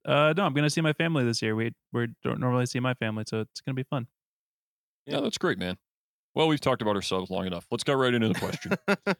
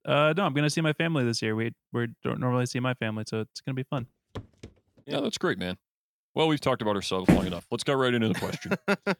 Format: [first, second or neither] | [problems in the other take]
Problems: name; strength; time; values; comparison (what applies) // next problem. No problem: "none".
first | footsteps; faint; at 4 s; peak 15 dB below the speech // footsteps; loud; at 7.5 s; peak 4 dB above the speech